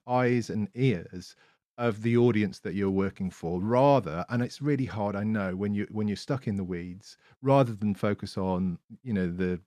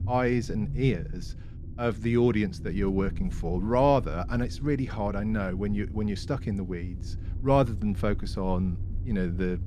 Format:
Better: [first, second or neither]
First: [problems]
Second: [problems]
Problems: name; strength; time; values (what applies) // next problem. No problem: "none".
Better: first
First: none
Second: low rumble; faint; throughout; 20 dB below the speech